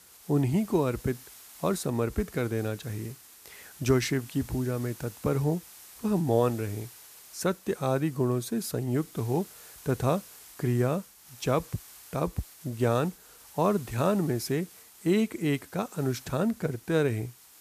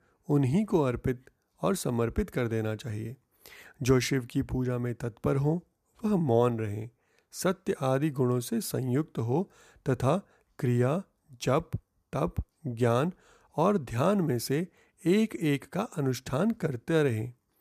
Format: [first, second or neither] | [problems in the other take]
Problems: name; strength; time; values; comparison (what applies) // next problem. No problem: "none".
second | hiss; noticeable; throughout; 20 dB below the speech